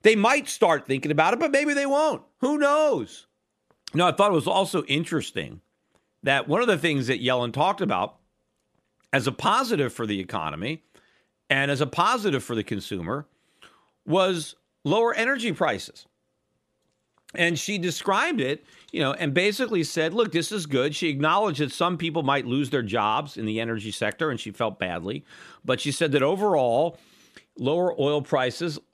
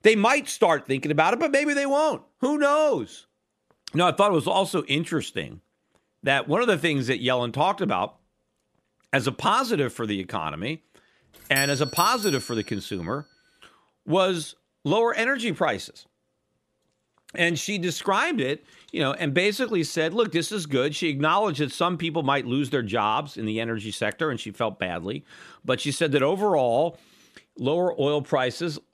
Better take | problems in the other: first | doorbell; noticeable; from 12 to 13 s; peak 4 dB below the speech

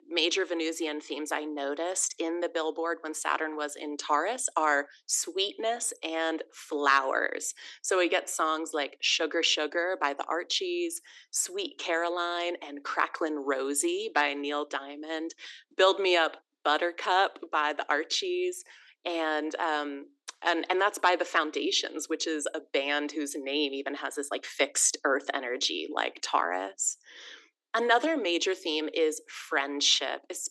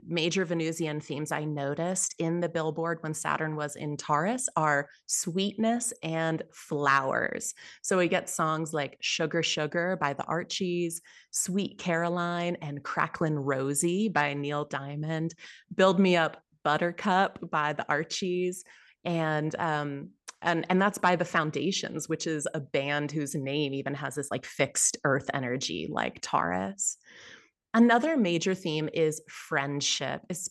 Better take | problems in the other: second | thin; somewhat; fading below 300 Hz

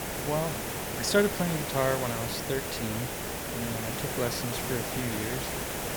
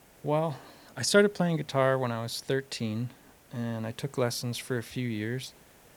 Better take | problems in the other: second | hiss; loud; throughout; 1 dB below the speech; faint in the second

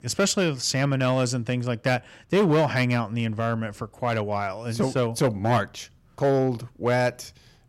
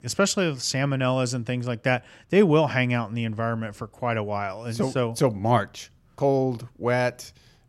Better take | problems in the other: second | distortion; slight; 4% of the sound clipped

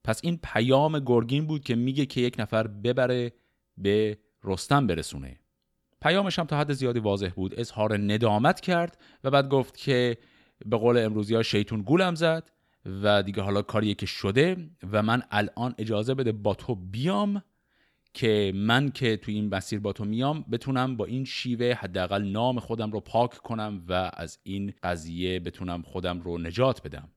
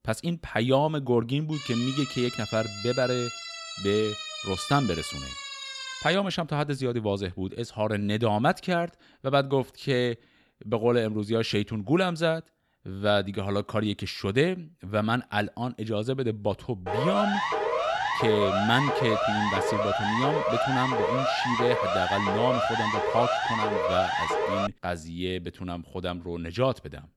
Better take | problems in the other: first | siren; noticeable; from 1.5 to 6 s; peak 5 dB below the speech // siren; loud; from 17 to 25 s; peak 2 dB above the speech

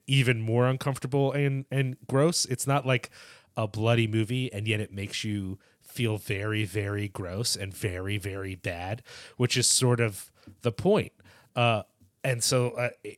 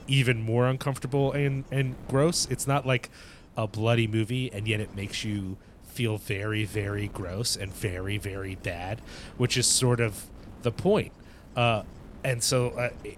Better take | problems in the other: first | wind noise on the microphone; occasional gusts; 25 dB below the speech

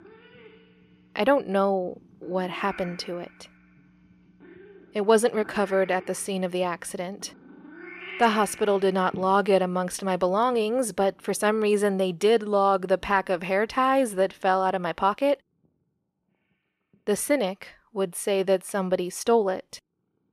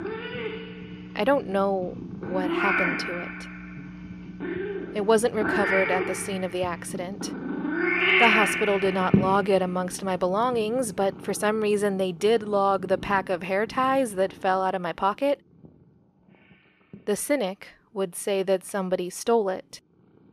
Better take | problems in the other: first | animal sounds; loud; throughout; 2 dB below the speech; faint in the first

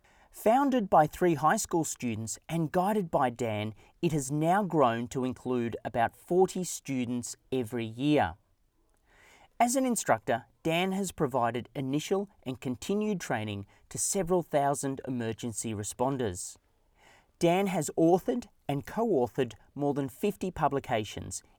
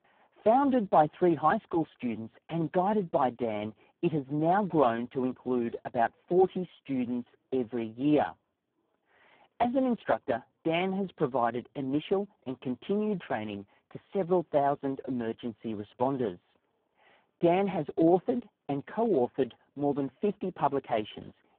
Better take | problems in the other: first | phone-call audio; poor line

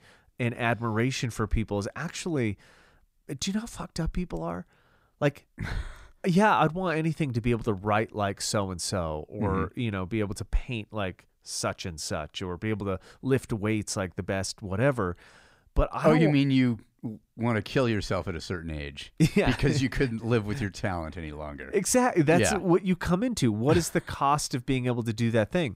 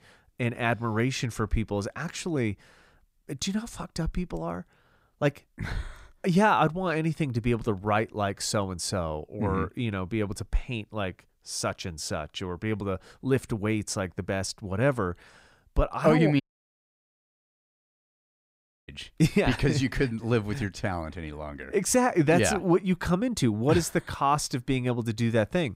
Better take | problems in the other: first | audio cutting out; at 16 s for 2.5 s

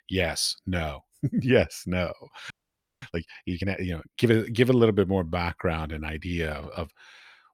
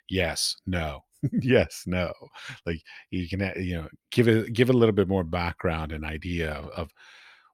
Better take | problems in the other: second | audio freezing; at 2.5 s for 0.5 s

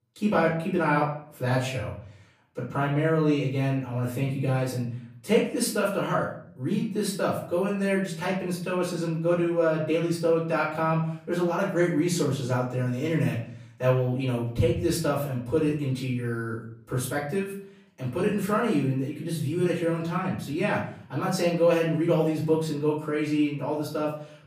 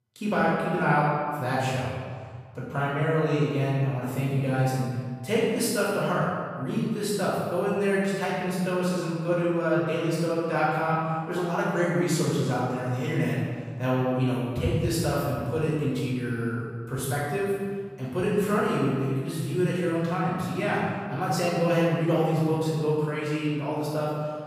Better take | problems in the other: first | room echo; strong; dies away in 1.6 s; slight in the first // off-mic speech; far; far in the first

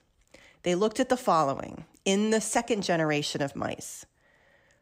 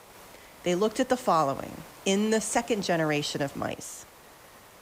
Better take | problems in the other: first | hiss; faint; throughout; 20 dB below the speech

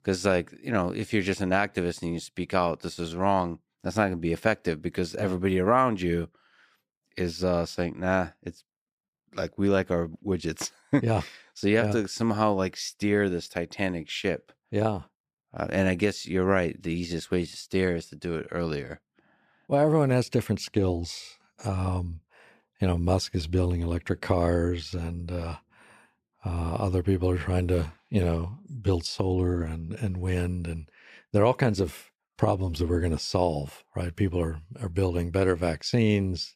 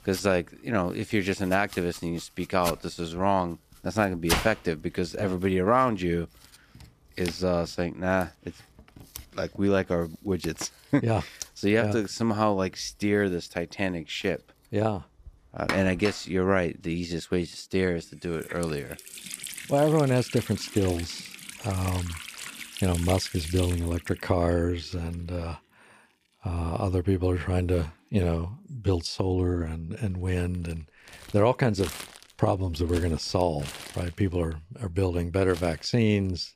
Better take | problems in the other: first | household noises; noticeable; throughout; 10 dB below the speech

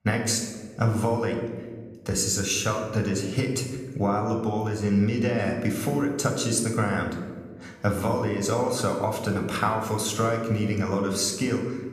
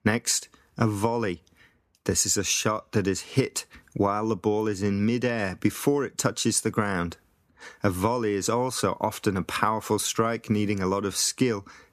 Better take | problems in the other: second | room echo; slight; dies away in 1.2 s

